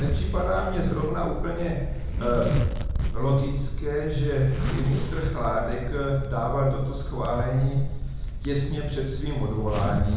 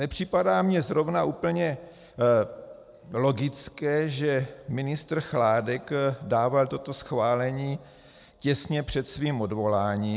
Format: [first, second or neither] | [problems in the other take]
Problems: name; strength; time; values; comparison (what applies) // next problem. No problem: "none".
second | background sound (Zipper (clothing)); 1 dB below the speech // room echo; dies away in 0.9 s